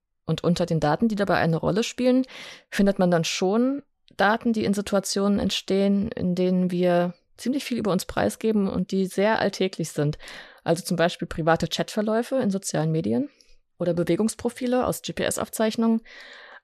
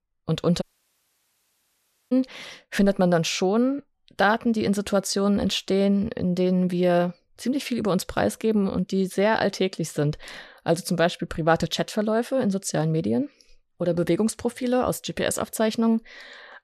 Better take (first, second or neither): first